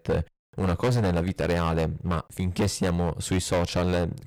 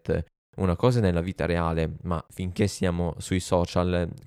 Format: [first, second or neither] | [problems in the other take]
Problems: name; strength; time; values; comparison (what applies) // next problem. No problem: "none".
second | distortion; heavy; 13% of the sound clipped